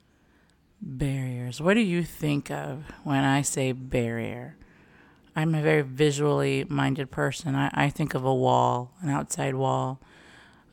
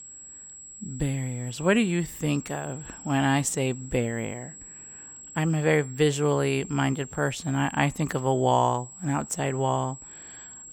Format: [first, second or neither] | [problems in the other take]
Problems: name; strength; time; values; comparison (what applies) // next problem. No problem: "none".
first | high-pitched whine; noticeable; throughout; 7.5 kHz, 15 dB below the speech